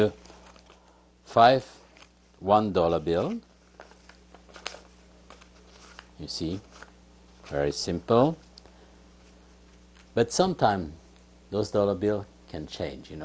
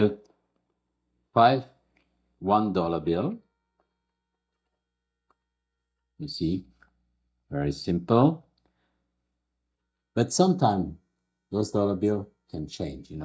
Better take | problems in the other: first | noise reduction (neural mask model DeepFilterNet 3)

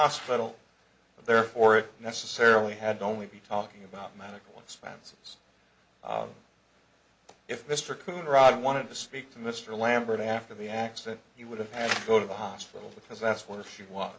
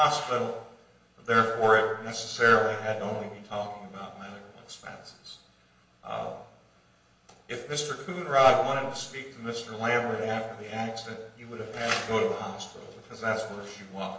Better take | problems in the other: first | room echo; dies away in 0.9 s

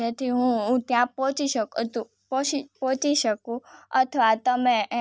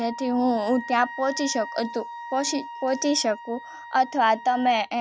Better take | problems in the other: first | background sound (Wind instrument, woodwind instrument); 13 dB below the speech

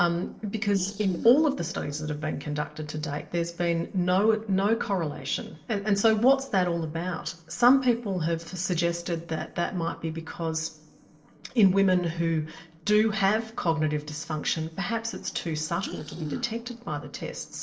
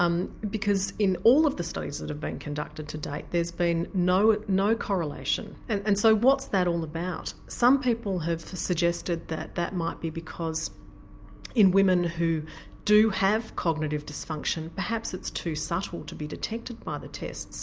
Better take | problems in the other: second | noise reduction (neural separator model SepFormer DNS4)

